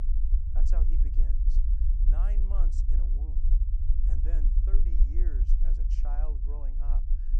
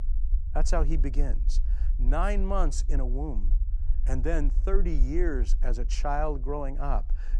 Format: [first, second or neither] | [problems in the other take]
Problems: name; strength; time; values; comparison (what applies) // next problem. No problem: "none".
second | low rumble; loud; throughout; 1 dB below the speech; faint in the second